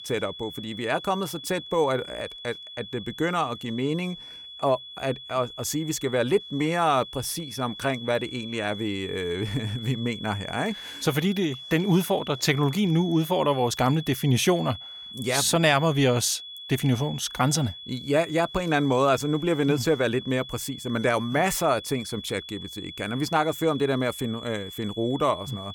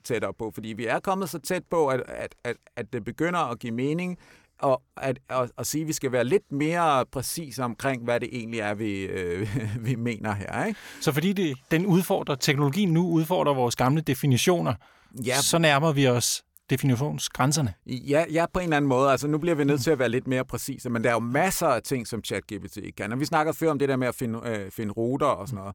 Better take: second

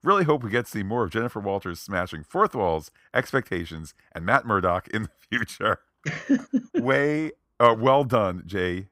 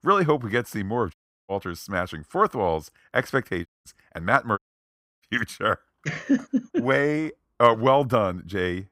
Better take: first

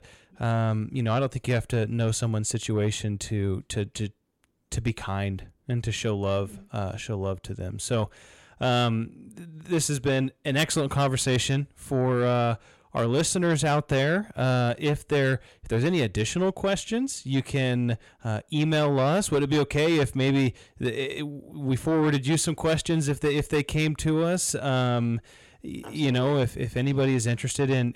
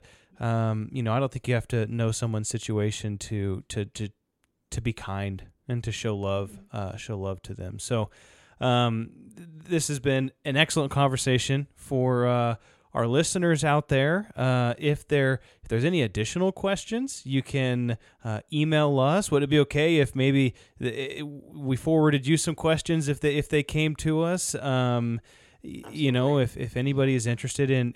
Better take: second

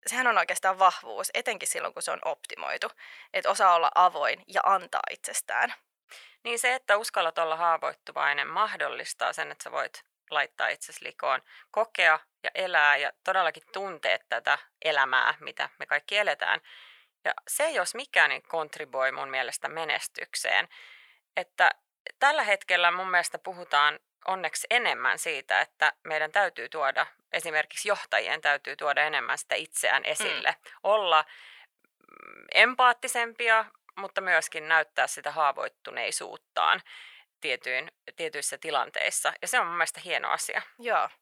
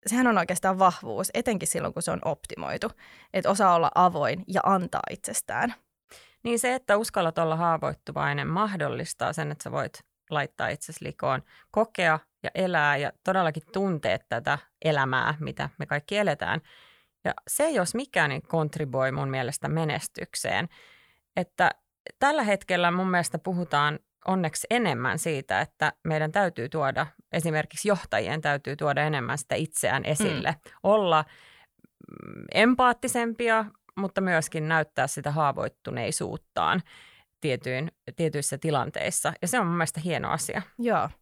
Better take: second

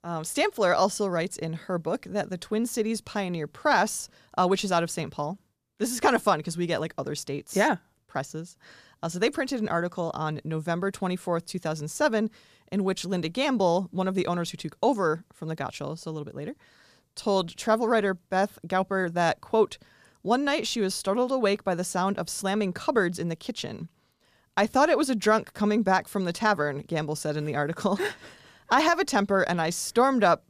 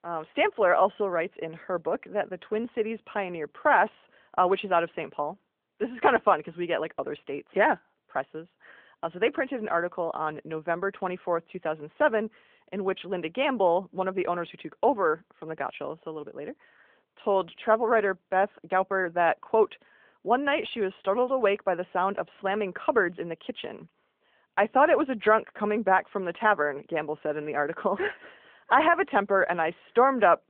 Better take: first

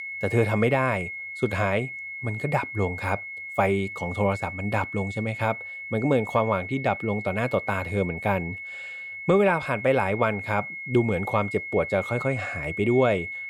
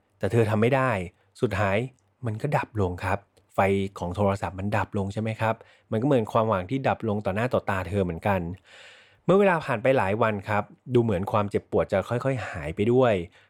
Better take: second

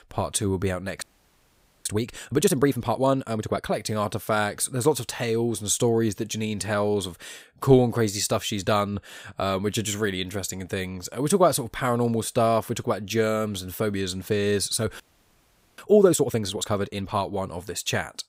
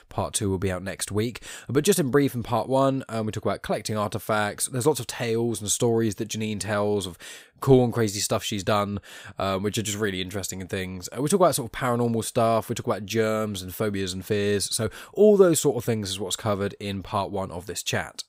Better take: second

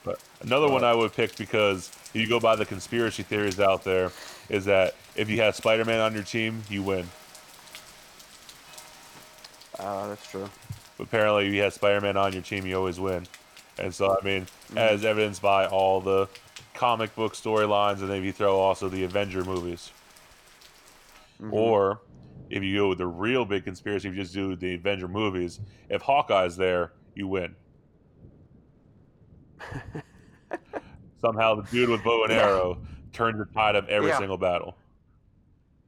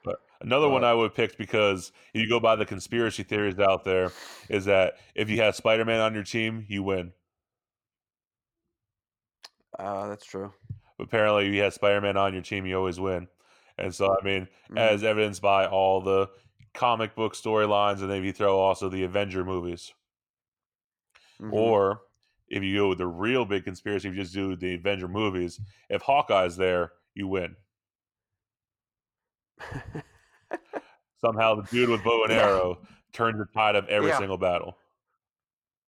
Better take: second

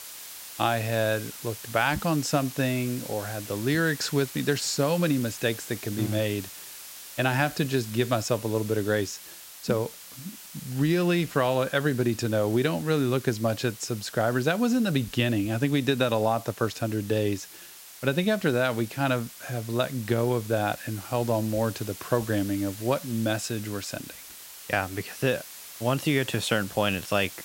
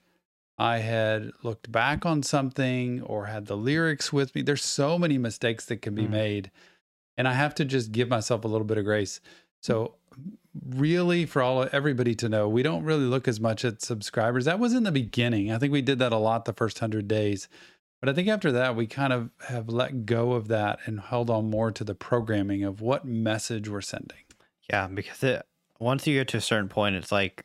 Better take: second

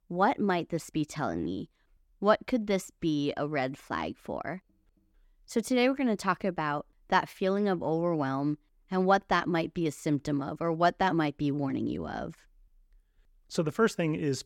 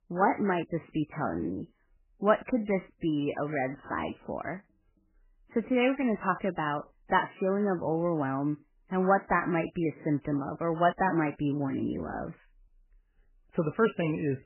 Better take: first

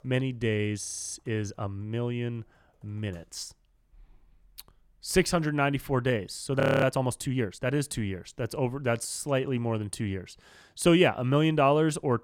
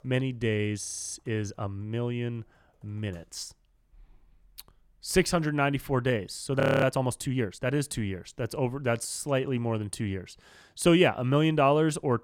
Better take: neither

